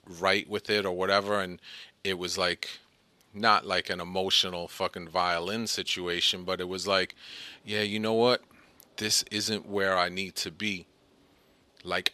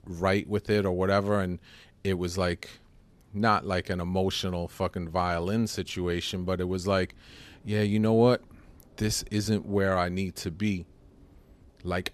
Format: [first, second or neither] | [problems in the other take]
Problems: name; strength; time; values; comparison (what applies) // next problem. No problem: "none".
second | thin; somewhat; fading below 600 Hz